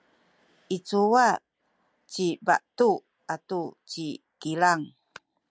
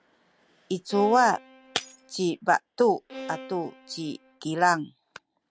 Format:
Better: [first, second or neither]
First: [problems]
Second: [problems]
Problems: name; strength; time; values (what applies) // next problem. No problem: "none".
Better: first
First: none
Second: background sound (Bowed string instrument + Shatter); 14 dB below the speech